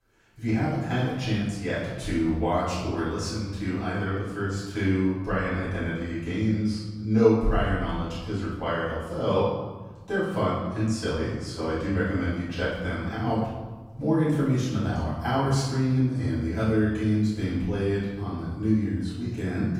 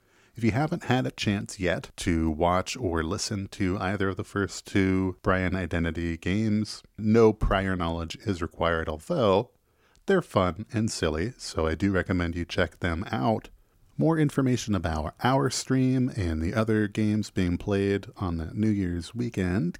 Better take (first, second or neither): second